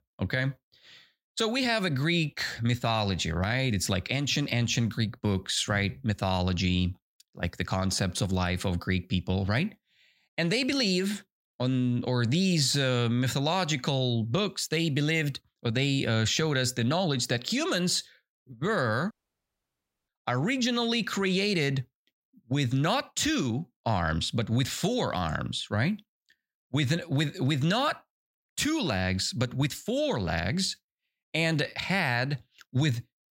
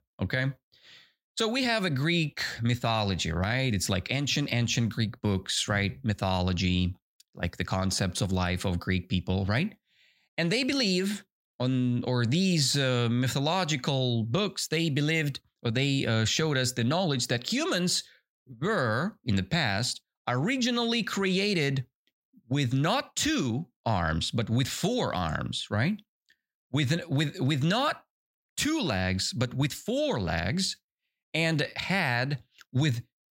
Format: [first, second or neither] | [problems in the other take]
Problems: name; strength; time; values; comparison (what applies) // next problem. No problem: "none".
second | audio cutting out; at 19 s for 1 s